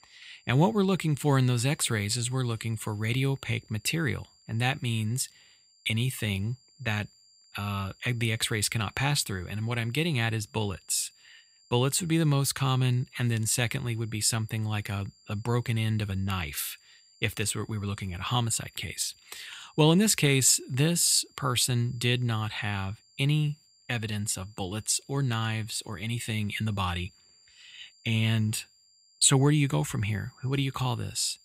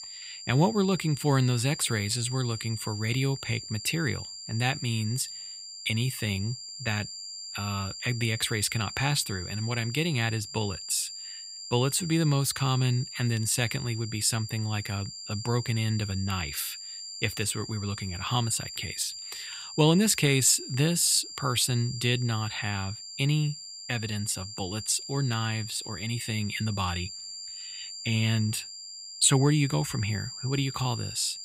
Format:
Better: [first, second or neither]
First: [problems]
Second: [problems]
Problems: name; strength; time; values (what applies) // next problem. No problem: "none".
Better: first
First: high-pitched whine; faint; throughout; 4.5 kHz, 30 dB below the speech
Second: high-pitched whine; loud; throughout; 4.5 kHz, 10 dB below the speech